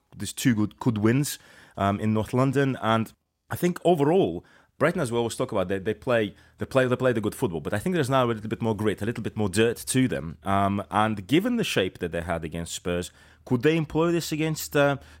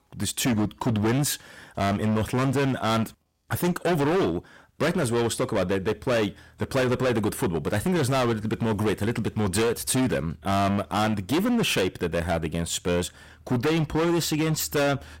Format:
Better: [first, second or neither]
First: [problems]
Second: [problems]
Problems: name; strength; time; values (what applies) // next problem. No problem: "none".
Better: first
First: none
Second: distortion; heavy; 21% of the sound clipped